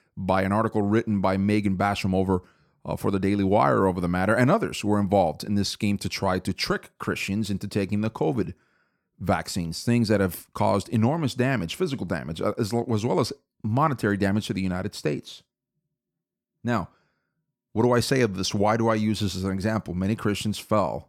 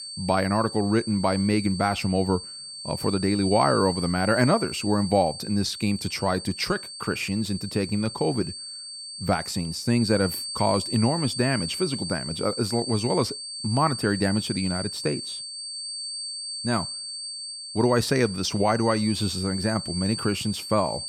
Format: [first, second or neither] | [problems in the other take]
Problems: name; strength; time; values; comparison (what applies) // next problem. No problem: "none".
first | high-pitched whine; loud; throughout; 4.5 kHz, 7 dB below the speech